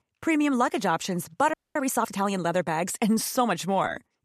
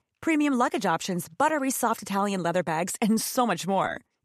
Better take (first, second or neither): second